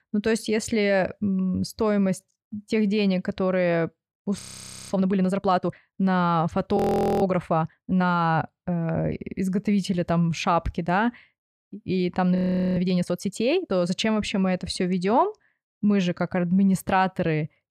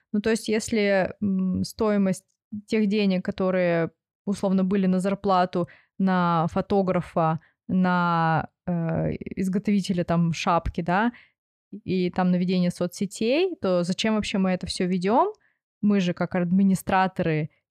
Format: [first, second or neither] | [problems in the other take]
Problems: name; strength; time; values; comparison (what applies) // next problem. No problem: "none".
second | audio freezing; at 4.5 s for 0.5 s, at 7 s and at 12 s